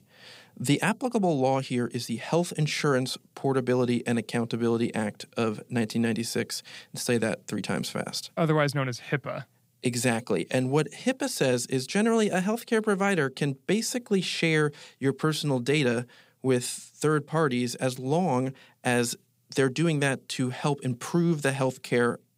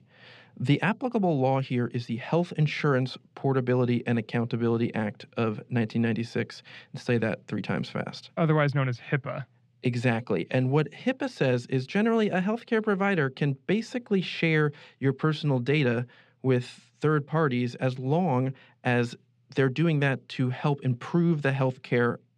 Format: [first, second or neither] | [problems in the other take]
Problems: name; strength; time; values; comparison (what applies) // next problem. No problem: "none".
first | muffled; slightly; fading above 2.5 kHz